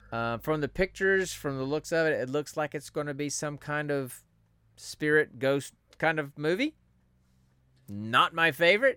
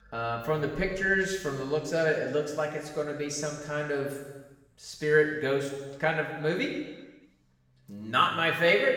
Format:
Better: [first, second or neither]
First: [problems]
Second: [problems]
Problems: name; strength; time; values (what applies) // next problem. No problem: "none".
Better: first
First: none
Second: room echo; noticeable; dies away in 1.2 s // off-mic speech; far